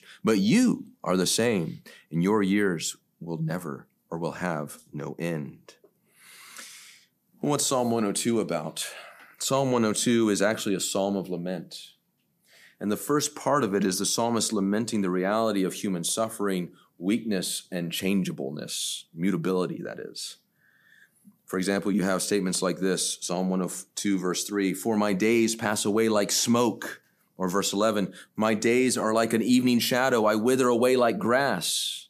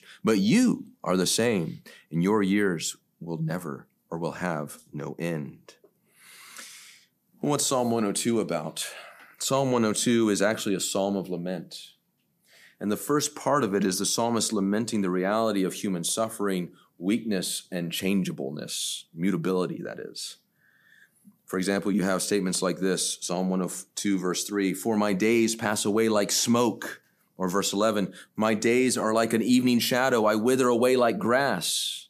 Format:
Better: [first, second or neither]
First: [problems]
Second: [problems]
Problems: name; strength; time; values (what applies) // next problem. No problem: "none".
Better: neither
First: none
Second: none